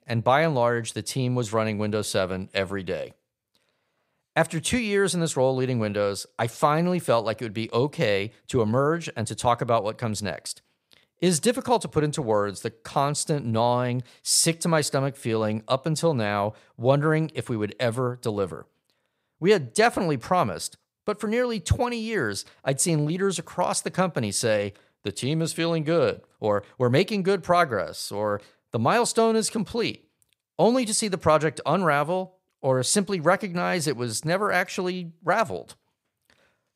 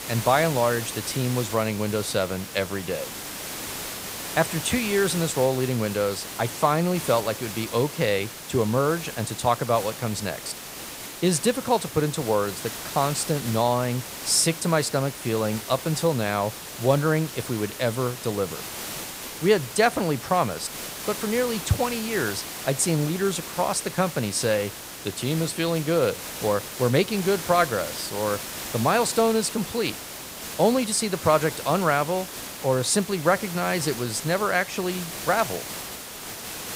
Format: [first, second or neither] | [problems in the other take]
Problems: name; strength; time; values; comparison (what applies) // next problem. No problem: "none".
first | hiss; loud; throughout; 9 dB below the speech